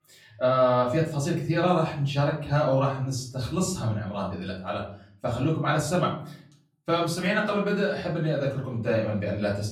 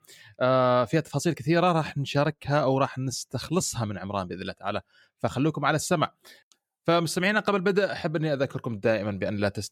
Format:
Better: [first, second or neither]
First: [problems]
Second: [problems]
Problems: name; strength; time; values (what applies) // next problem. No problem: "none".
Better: second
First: off-mic speech; far // room echo; slight; dies away in 0.5 s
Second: none